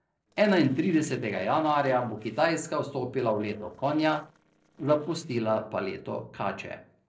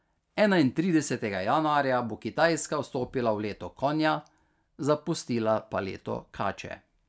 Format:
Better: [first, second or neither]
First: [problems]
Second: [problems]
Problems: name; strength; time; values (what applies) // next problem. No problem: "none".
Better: second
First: noise reduction (neural separator model SepFormer DNS4)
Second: none